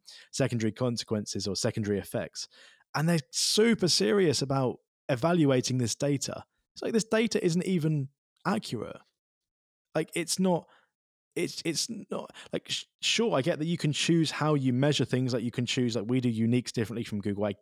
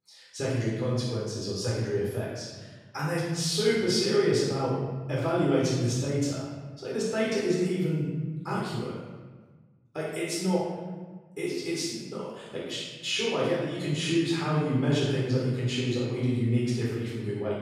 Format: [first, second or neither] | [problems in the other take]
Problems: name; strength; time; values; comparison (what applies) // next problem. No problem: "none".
first | room echo; strong; dies away in 1.3 s // off-mic speech; far